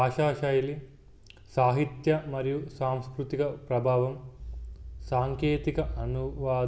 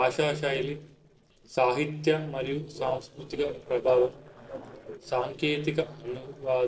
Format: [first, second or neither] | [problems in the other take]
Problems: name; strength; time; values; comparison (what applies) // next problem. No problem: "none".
first | noise reduction (neural separator model SepFormer DNS4)